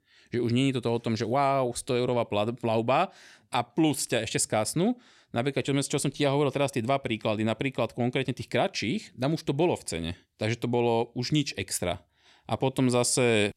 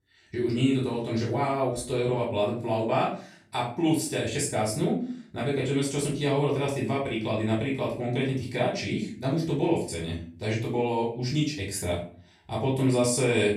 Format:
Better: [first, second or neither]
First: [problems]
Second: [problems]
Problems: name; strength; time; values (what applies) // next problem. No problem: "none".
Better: first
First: none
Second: off-mic speech; far // room echo; noticeable; dies away in 0.4 s